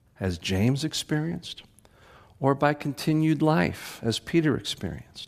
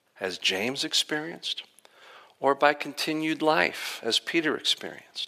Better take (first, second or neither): first